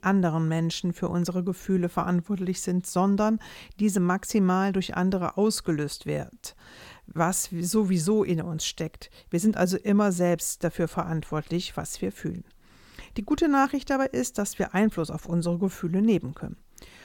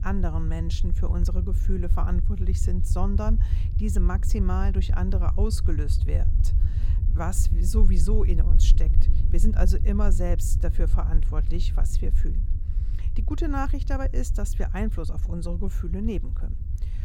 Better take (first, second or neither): first